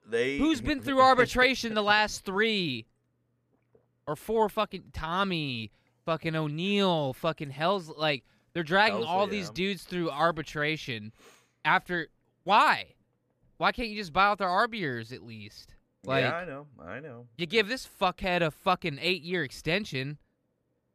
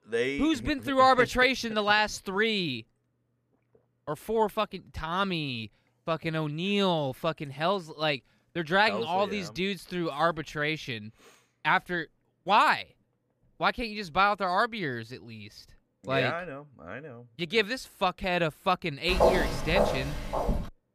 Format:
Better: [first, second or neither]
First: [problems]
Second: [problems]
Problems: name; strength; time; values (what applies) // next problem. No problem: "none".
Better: first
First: none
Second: footsteps; loud; from 19 s on; peak 4 dB above the speech